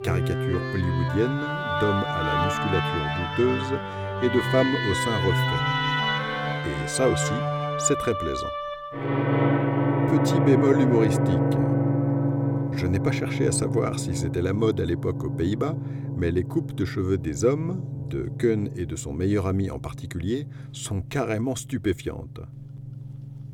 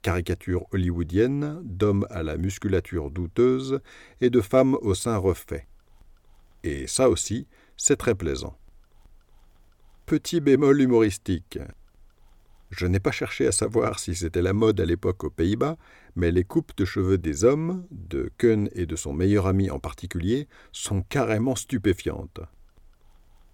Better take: second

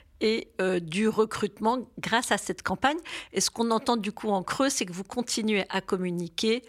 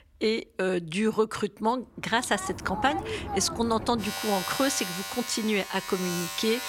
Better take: first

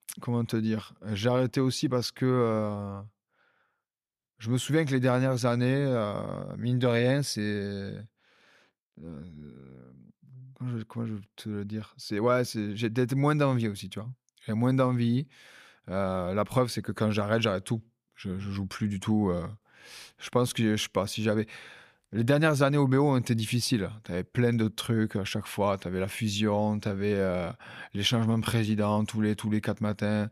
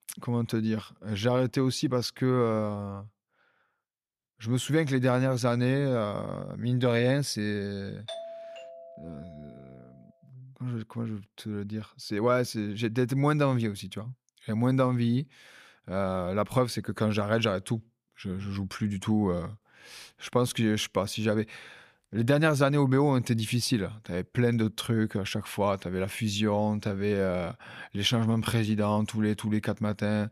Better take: first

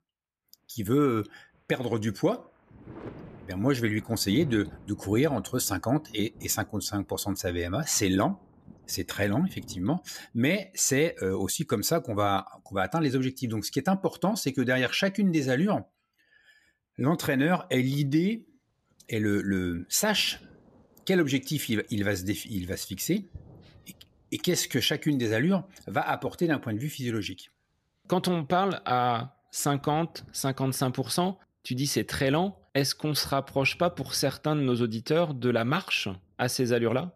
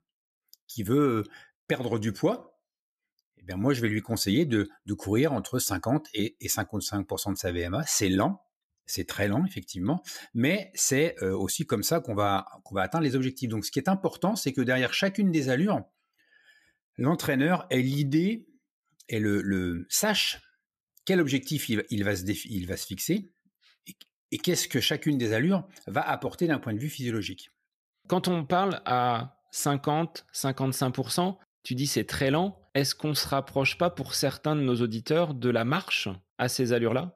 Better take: second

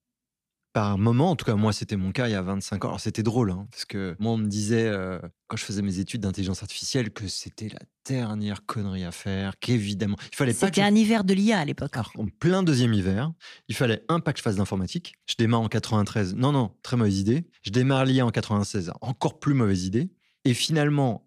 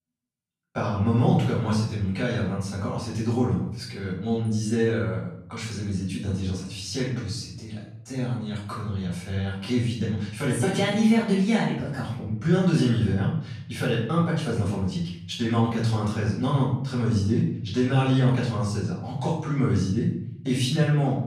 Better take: first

